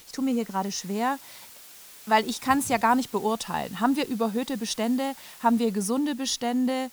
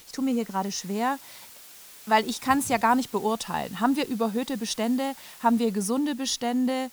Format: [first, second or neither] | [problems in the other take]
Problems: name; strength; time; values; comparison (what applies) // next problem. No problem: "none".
neither | hiss; noticeable; throughout; 20 dB below the speech; the same in both